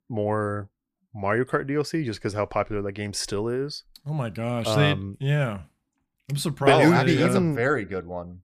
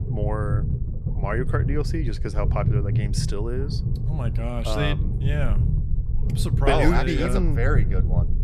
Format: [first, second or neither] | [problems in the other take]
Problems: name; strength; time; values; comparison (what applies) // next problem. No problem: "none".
first | low rumble; loud; throughout; 10 dB below the speech